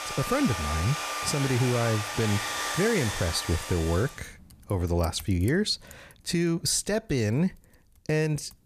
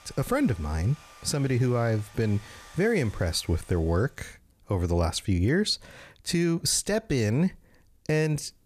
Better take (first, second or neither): second